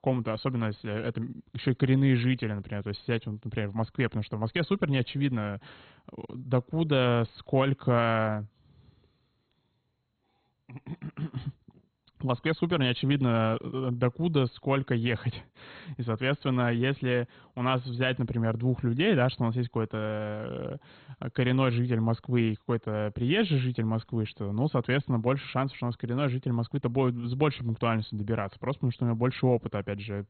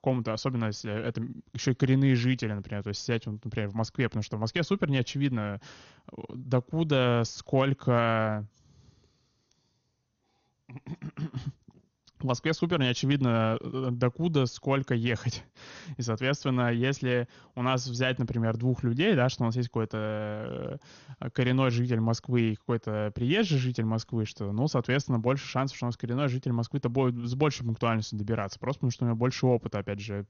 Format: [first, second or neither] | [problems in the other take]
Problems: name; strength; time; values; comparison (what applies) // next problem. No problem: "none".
second | garbled, watery; badly; nothing above 4 kHz; slightly in the second